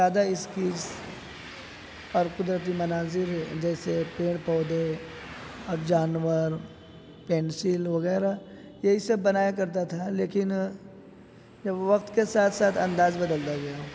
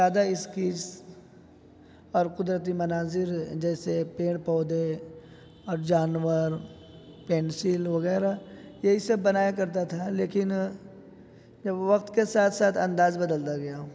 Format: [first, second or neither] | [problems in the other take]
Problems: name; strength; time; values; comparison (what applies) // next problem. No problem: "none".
second | background sound (Train); 18 dB below the speech